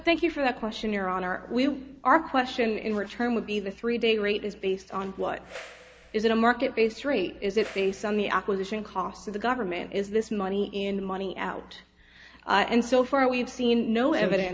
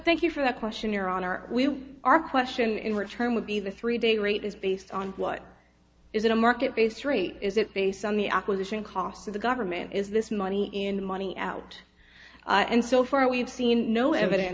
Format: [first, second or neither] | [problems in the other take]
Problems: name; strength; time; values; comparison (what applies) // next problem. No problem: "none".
second | background sound (Whoosh, swoosh, swish); 20 dB below the speech